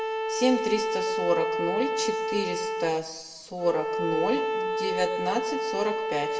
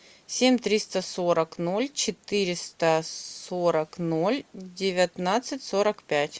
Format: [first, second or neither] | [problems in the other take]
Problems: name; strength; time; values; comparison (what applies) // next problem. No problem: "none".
second | background sound (Bowed string instrument); as loud as the speech // room echo; dies away in 0.7 s